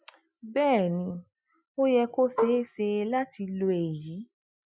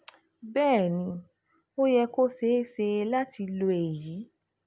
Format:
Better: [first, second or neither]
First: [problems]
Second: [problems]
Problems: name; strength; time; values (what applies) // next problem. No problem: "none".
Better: second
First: noise reduction (classical method Wiener filter)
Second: none